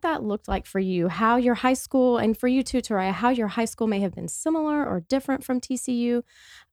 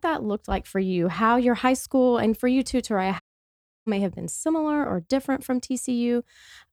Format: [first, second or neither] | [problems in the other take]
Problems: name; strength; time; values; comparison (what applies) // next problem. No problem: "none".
first | audio cutting out; at 3 s for 0.5 s